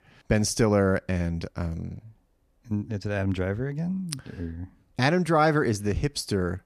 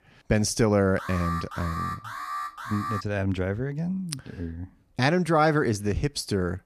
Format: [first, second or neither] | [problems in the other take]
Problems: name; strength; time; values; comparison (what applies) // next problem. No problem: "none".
first | alarm; noticeable; from 1 to 3 s; peak 6 dB below the speech